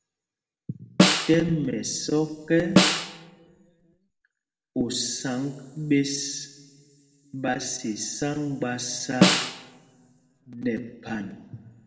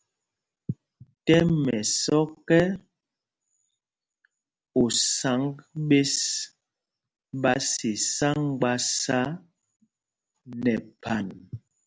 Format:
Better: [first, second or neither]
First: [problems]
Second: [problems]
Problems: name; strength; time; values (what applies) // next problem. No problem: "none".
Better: second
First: background sound (Snare drum); 4 dB above the speech // room echo; dies away in 1.3 s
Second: none